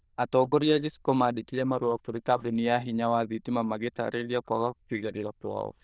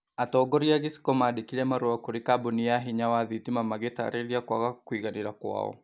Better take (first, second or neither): second